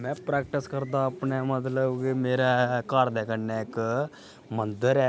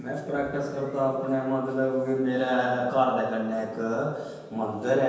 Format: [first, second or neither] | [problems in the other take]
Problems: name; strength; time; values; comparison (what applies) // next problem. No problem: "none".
first | room echo; dies away in 1.2 s